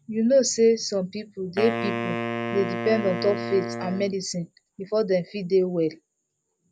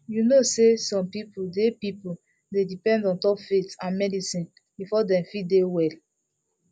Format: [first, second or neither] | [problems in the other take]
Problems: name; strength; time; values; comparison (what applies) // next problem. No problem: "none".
second | background sound (Wind instrument, woodwind instrument); 6 dB below the speech